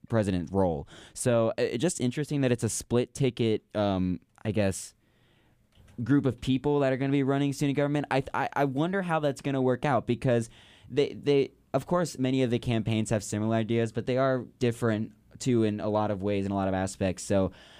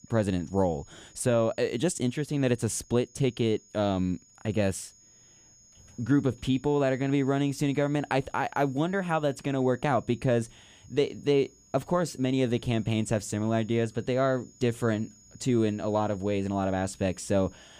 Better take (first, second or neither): first